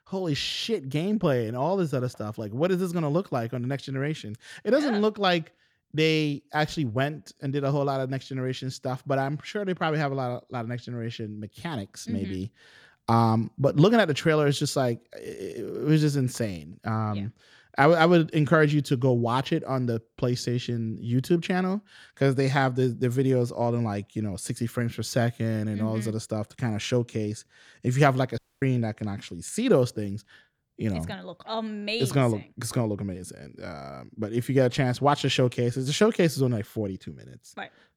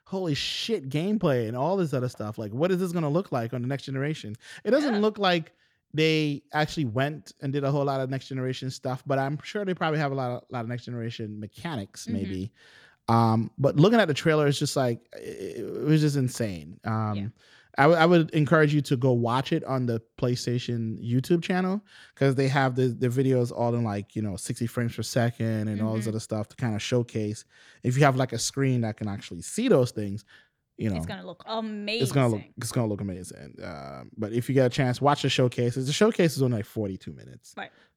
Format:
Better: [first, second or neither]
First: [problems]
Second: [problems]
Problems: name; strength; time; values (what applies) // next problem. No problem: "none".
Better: second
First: audio cutting out; at 28 s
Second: none